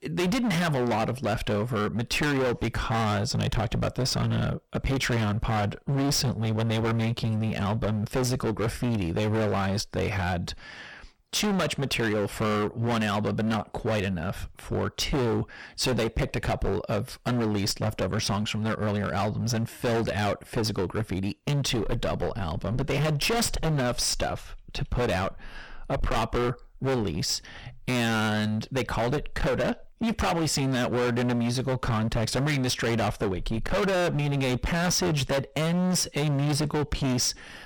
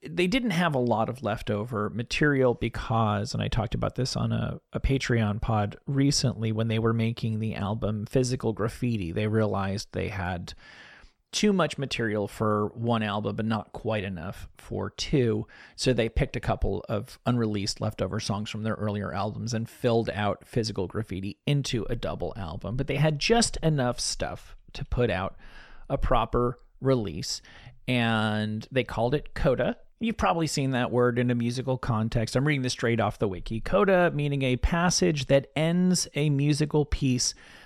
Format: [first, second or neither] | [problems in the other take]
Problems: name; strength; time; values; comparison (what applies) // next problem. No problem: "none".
second | distortion; heavy; 29% of the sound clipped